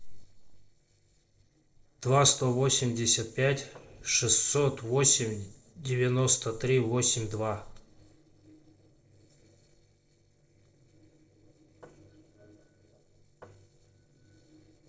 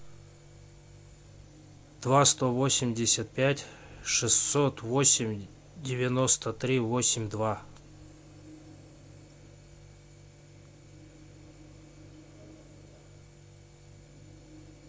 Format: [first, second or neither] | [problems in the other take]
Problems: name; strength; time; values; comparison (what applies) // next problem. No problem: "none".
second | noise reduction (neural separator model SepFormer DNS4)